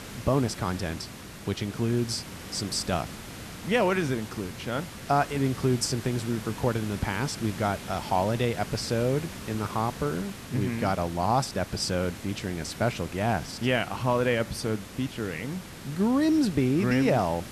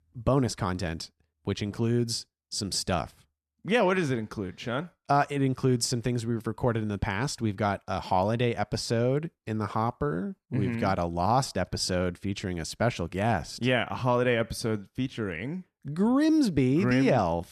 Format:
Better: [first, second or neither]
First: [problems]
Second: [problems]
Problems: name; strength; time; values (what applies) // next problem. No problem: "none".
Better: second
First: hiss; noticeable; throughout; 10 dB below the speech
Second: none